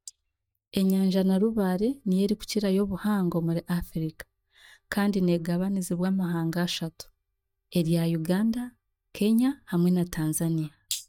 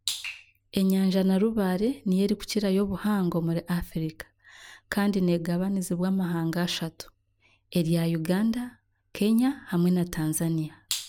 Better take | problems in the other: second | noise reduction (neural mask model DeepFilterNet 3)

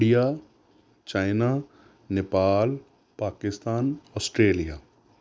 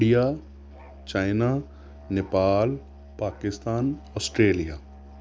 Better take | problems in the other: first | background sound (Musical instrument); 19 dB below the speech

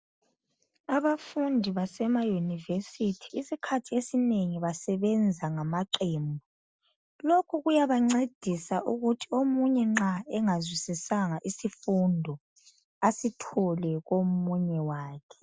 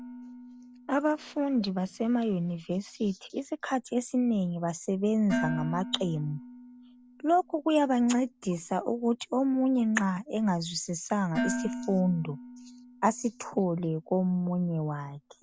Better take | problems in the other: first | background sound (Dishes, pots, and pans); 12 dB below the speech

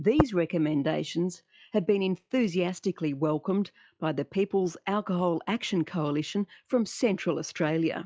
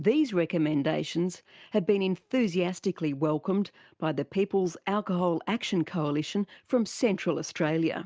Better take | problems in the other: second | noise reduction (classical method log-MMSE)

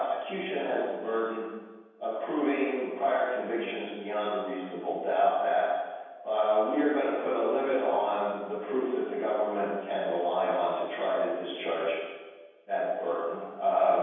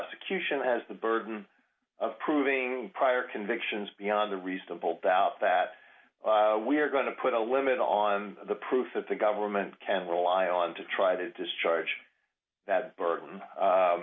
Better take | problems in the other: second | room echo; dies away in 1.2 s

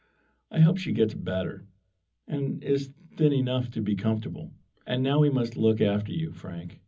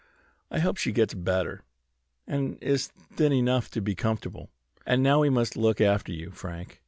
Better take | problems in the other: second | room echo; dies away in 0.4 s

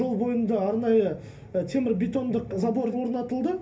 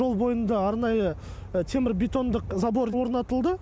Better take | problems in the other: second | room echo; dies away in 0.3 s

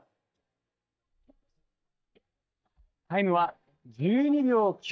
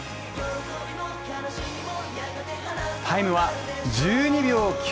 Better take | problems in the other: second | noise reduction (neural mask model DeepFilterNet 3)

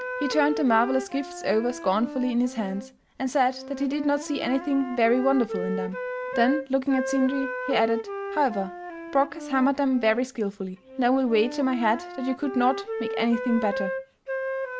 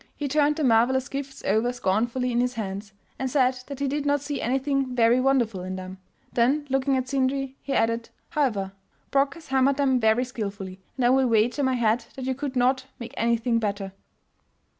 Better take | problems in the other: second | background sound (Wind instrument, woodwind instrument); 8 dB below the speech

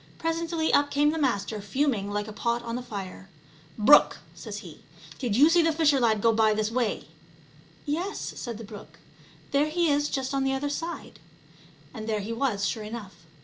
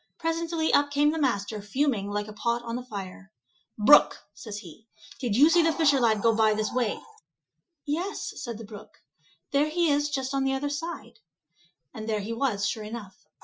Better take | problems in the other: first | noise reduction (classical method Wiener filter)

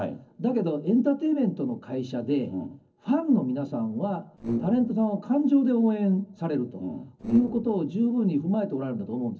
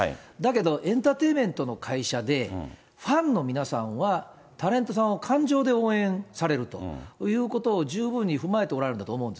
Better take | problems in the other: second | noise reduction (neural separator model SepFormer DNS4)

